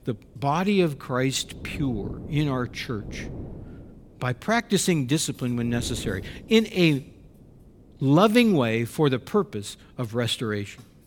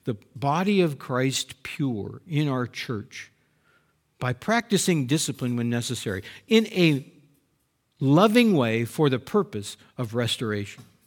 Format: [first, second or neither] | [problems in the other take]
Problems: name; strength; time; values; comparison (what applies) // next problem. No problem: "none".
second | wind noise on the microphone; occasional gusts; 20 dB below the speech